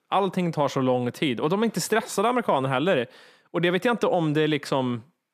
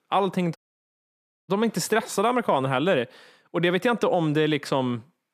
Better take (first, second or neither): first